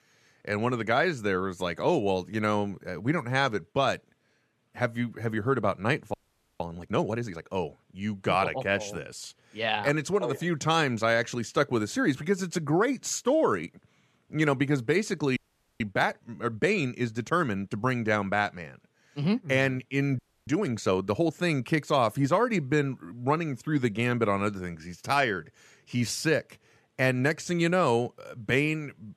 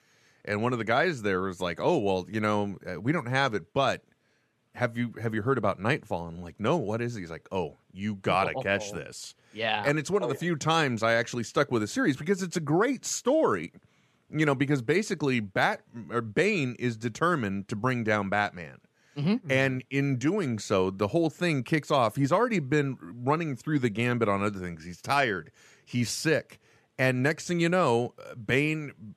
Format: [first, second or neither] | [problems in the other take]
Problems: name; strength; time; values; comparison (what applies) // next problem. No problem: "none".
second | audio freezing; at 6 s, at 15 s and at 20 s